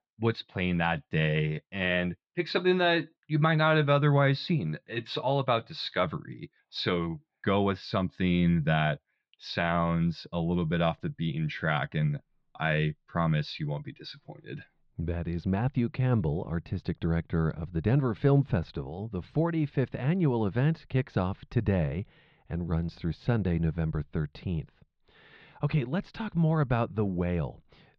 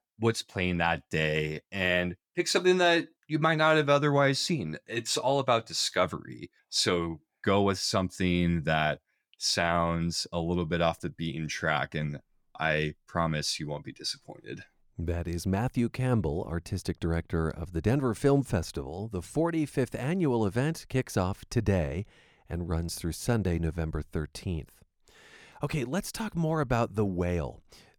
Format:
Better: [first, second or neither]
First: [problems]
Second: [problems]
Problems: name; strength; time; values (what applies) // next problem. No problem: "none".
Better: second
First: muffled; slightly; fading above 4 kHz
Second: none